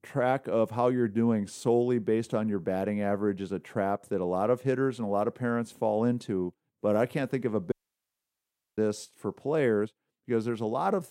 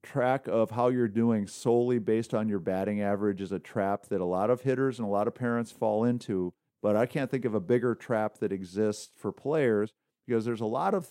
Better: second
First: audio cutting out; at 7.5 s for 1 s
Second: none

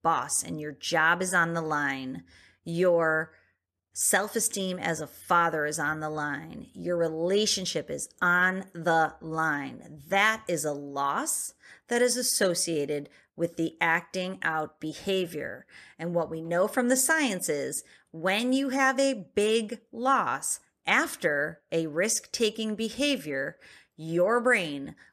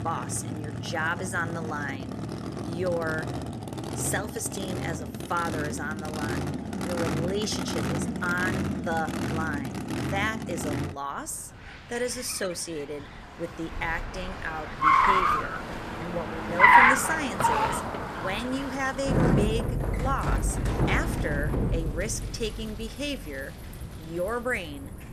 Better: first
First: none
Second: traffic noise; very loud; throughout; 5 dB above the speech

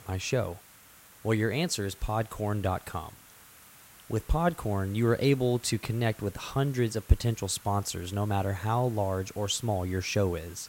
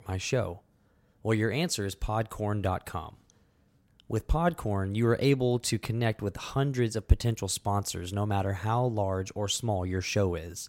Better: second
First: hiss; faint; throughout; 20 dB below the speech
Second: none

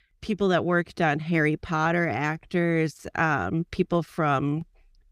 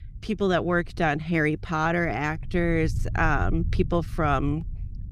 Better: first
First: none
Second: low rumble; faint; throughout; 25 dB below the speech

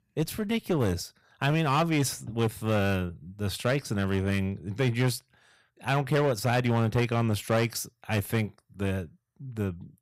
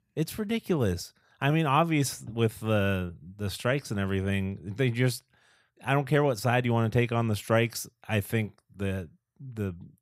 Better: second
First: distortion; slight; 10% of the sound clipped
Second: none

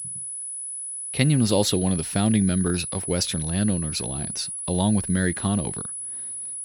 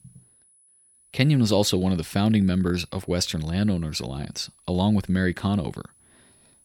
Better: second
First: high-pitched whine; loud; throughout; 10 kHz, 5 dB below the speech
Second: high-pitched whine; faint; throughout; 10 kHz, 30 dB below the speech

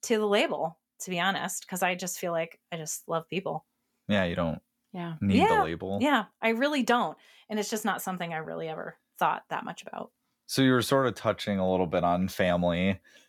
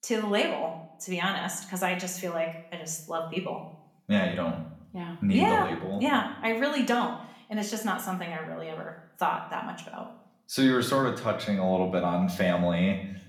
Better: first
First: none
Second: room echo; slight; dies away in 0.5 s // off-mic speech; somewhat distant

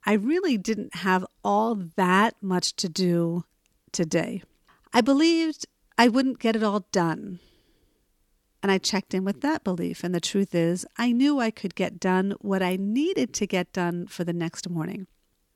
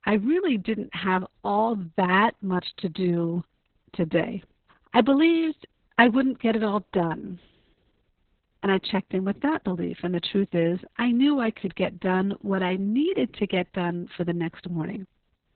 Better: first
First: none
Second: garbled, watery; badly; nothing above 4 kHz

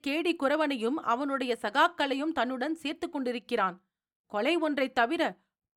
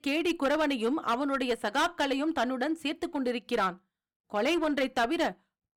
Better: first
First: none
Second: distortion; slight; 8% of the sound clipped

